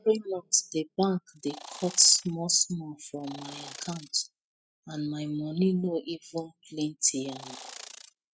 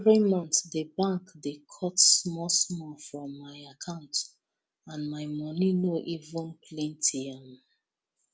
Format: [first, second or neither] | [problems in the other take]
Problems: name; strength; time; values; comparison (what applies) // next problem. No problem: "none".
second | noise reduction (classical method spectral subtraction)